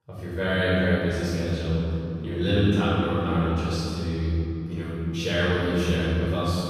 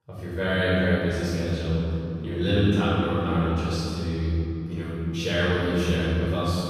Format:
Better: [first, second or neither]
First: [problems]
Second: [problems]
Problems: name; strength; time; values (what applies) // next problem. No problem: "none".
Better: neither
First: off-mic speech; far // room echo; strong; dies away in 3 s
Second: off-mic speech; far // room echo; strong; dies away in 3 s